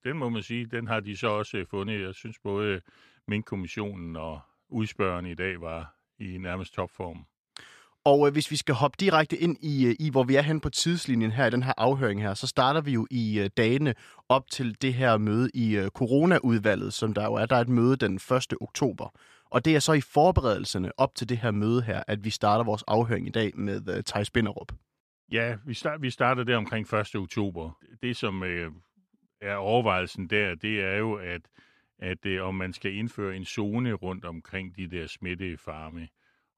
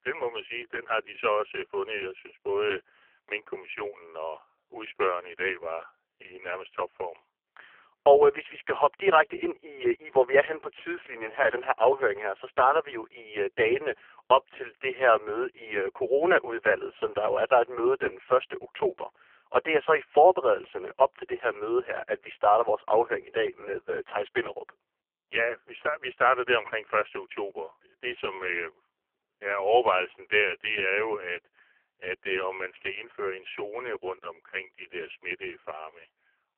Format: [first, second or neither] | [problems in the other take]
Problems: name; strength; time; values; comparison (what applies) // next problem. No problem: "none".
first | phone-call audio; poor line; nothing above 3 kHz